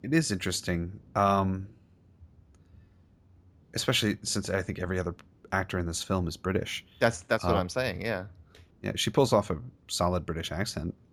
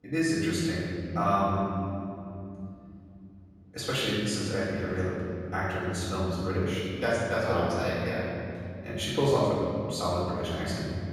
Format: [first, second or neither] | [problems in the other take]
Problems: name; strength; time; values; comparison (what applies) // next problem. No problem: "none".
first | off-mic speech; far // room echo; strong; dies away in 3 s